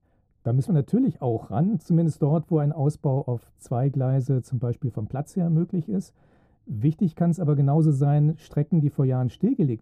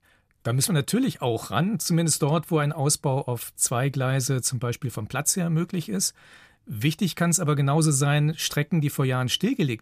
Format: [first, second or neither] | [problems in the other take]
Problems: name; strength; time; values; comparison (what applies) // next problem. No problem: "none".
second | muffled; very; fading above 1 kHz